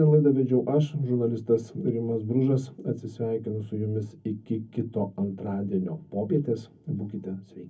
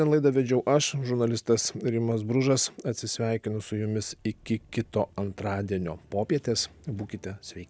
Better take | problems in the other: second | room echo; dies away in 0.3 s

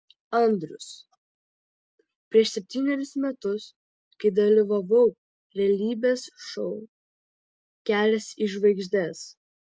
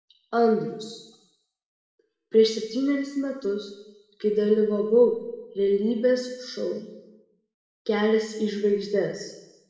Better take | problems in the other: first | room echo; dies away in 1 s

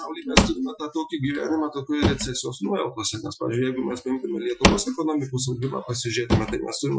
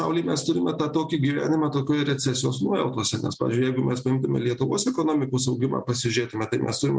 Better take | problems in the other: second | noise reduction (classical method Wiener filter)

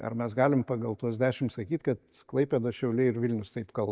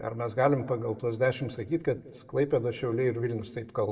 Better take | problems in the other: first | room echo; dies away in 1 s

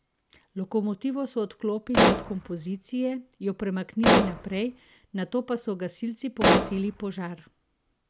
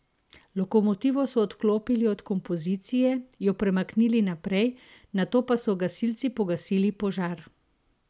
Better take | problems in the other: second | background sound (Explosion); 5 dB above the speech

